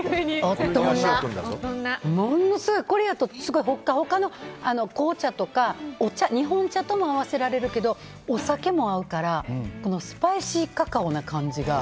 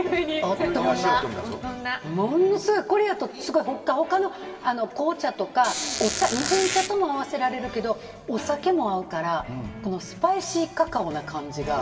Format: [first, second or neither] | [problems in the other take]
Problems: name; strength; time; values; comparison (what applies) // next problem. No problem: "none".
first | background sound (Squeak); 4 dB below the speech // room echo; dies away in 1.5 s